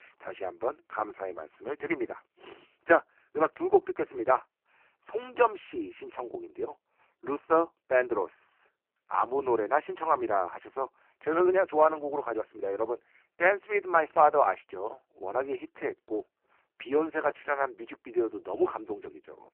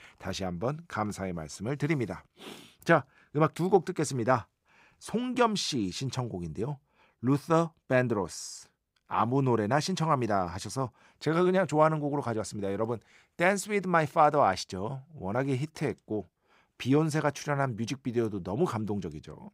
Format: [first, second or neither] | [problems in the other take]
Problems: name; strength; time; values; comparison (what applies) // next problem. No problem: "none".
second | phone-call audio; poor line